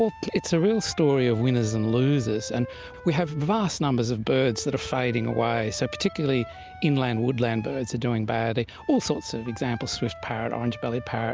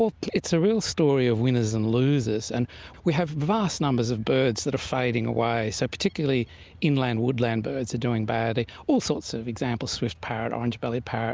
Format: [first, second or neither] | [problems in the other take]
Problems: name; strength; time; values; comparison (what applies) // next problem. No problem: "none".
second | background sound (Wind instrument, woodwind instrument); 18 dB below the speech